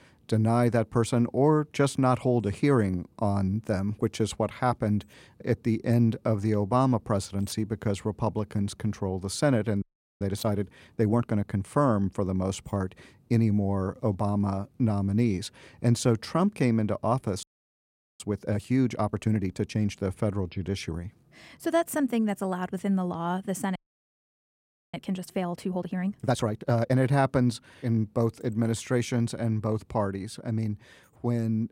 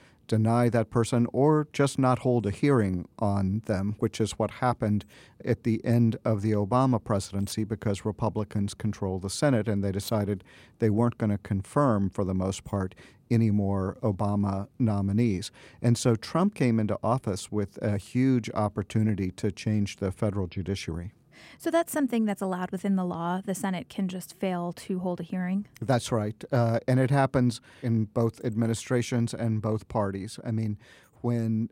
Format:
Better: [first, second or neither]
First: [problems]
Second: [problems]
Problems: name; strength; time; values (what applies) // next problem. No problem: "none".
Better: second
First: audio freezing; at 10 s, at 17 s for 1 s and at 24 s for 1 s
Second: none